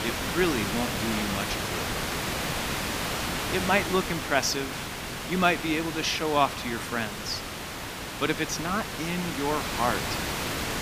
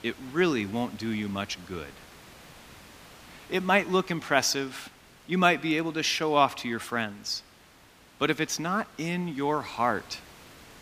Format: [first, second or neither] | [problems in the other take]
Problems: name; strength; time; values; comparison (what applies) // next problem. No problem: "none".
second | hiss; loud; throughout; 3 dB below the speech; faint in the second